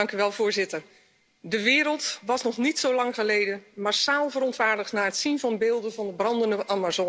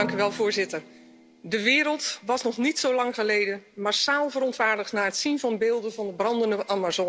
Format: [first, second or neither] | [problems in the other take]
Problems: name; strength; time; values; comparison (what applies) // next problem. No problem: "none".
first | background sound (Drum); 19 dB below the speech